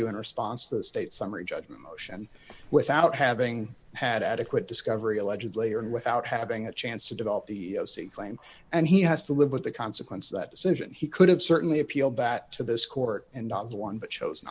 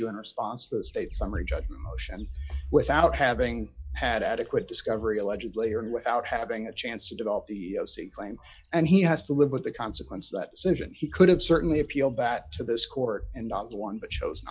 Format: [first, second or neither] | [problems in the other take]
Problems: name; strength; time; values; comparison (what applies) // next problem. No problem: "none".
first | noise reduction (classical method log-MMSE)